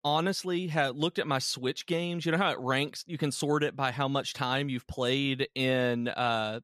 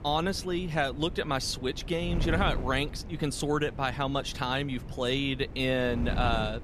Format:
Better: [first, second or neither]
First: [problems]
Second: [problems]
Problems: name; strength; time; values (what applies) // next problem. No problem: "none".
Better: first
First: none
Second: wind noise on the microphone; occasional gusts; 15 dB below the speech